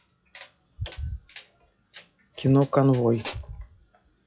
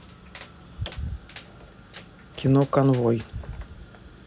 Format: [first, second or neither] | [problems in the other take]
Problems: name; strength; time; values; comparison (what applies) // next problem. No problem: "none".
second | noise reduction (classical method log-MMSE)